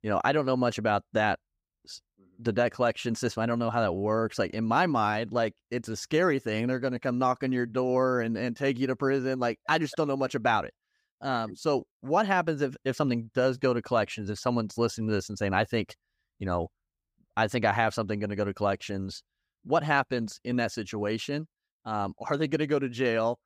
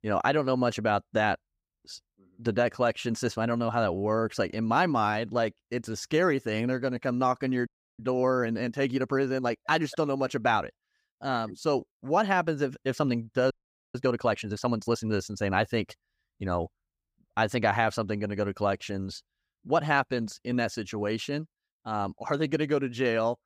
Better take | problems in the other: first | audio freezing; at 7.5 s and at 14 s

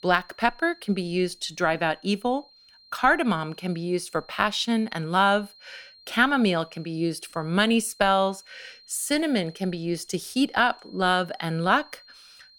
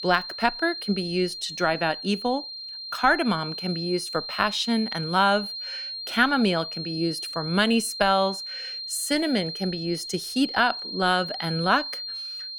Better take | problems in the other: first | high-pitched whine; loud; throughout; 4 kHz, 7 dB below the speech; faint in the first

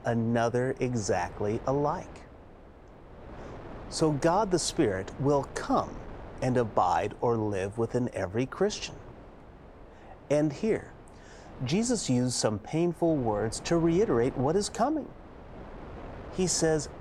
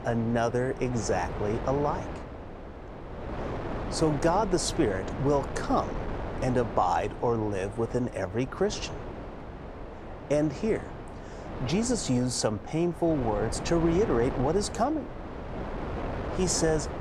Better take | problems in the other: first | wind noise on the microphone; heavy; 9 dB below the speech; occasional gusts in the first

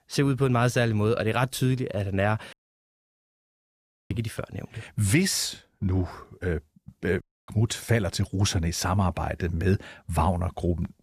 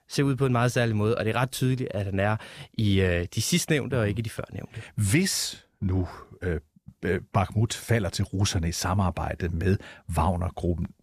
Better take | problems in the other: second | audio cutting out; at 2.5 s for 1.5 s and at 7 s

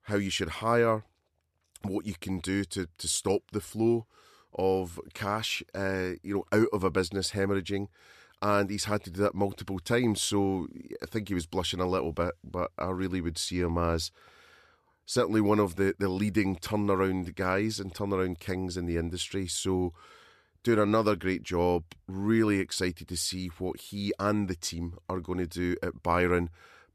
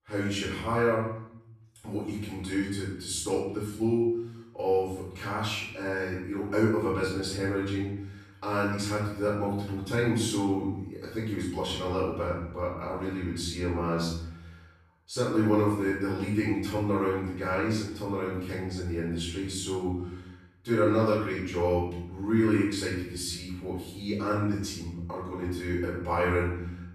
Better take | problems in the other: first | room echo; noticeable; dies away in 0.8 s // off-mic speech; far

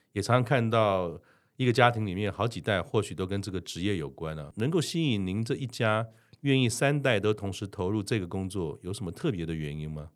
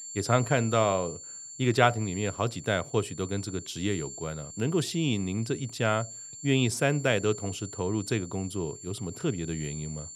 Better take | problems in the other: first | high-pitched whine; noticeable; throughout; 7.5 kHz, 10 dB below the speech

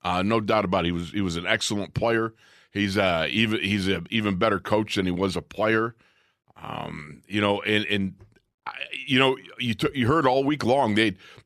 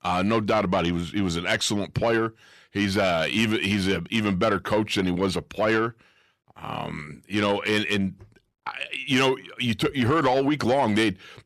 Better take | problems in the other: first | distortion; slight; 10 dB below the speech

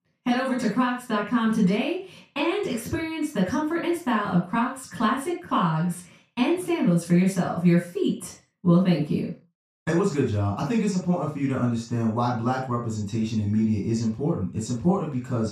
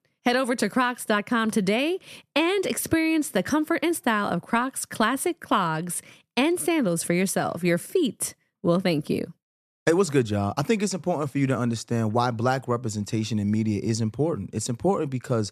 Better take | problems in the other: second | room echo; noticeable; dies away in 0.3 s // off-mic speech; far

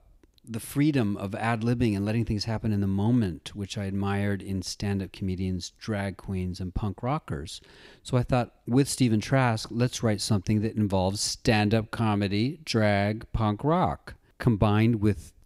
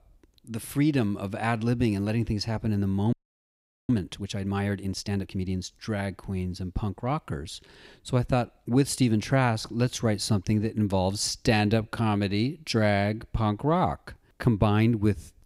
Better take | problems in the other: first | audio freezing; at 3 s for 1 s

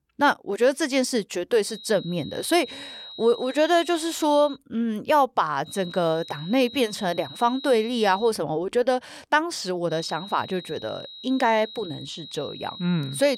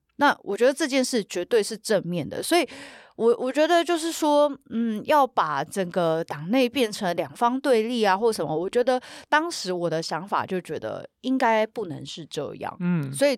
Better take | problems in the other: second | high-pitched whine; noticeable; from 1.5 to 4.5 s, from 5.5 to 8.5 s and from 10 s on; 4 kHz, 15 dB below the speech

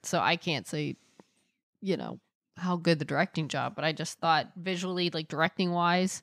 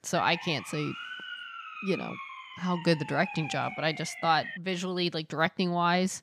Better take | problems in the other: first | siren; noticeable; until 4.5 s; peak 8 dB below the speech

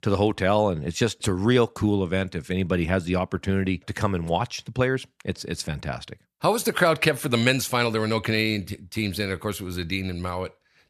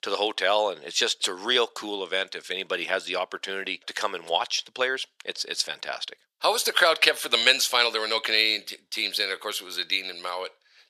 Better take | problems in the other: first | thin; very; fading below 500 Hz

